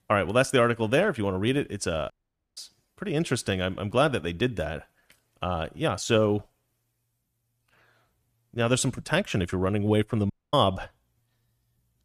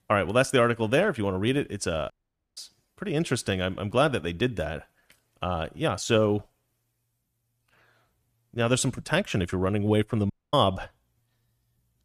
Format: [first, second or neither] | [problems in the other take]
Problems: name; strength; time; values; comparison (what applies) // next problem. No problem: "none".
neither | audio cutting out; at 2 s and at 10 s; the same in both